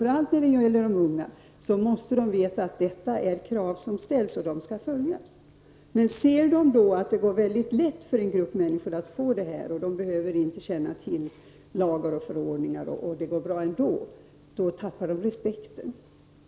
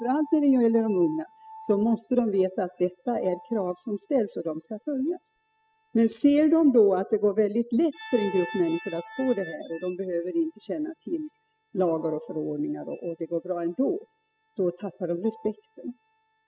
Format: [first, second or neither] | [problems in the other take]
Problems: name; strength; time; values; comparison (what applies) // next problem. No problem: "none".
first | noise reduction (classical method spectral subtraction)